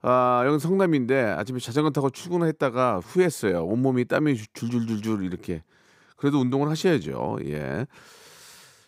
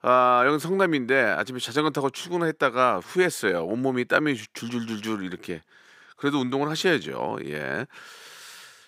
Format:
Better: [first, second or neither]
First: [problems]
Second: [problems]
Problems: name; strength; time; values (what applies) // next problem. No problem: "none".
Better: first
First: none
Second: thin; very slightly; fading below 350 Hz